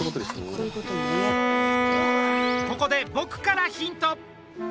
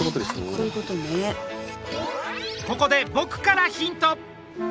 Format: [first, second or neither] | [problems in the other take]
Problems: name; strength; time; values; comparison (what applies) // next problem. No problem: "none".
second | background sound (Bowed string instrument); 3 dB above the speech